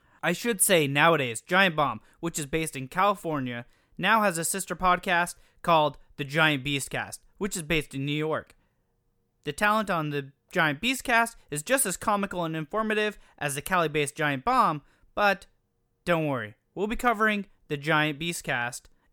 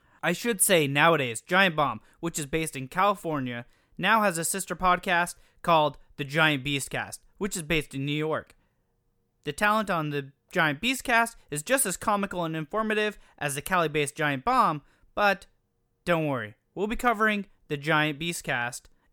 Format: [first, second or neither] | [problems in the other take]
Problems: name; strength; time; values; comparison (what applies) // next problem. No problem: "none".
neither | none